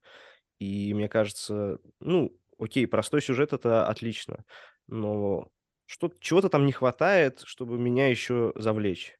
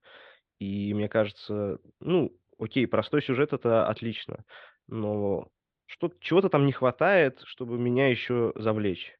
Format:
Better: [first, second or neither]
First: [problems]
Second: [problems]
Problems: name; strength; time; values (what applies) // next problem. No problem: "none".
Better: first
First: none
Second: muffled; slightly; fading above 3.5 kHz